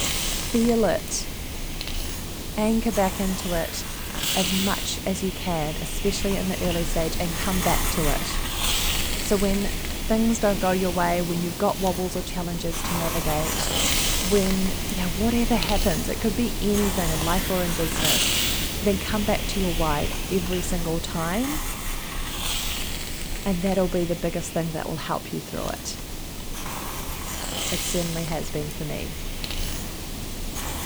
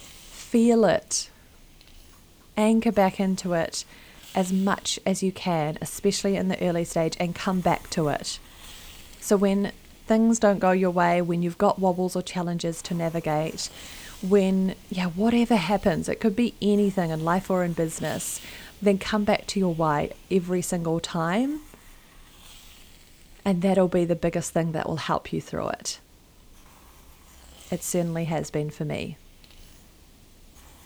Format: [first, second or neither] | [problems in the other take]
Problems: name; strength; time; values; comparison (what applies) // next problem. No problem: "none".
second | hiss; loud; throughout; 1 dB below the speech; faint in the second